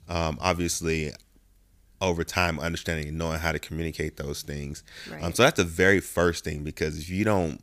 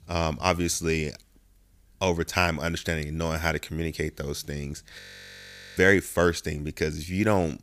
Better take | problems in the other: first | audio freezing; at 5 s for 1 s

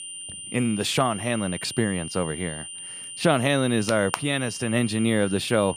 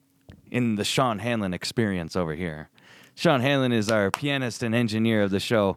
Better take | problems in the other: second | high-pitched whine; loud; throughout; 9 kHz, 10 dB below the speech

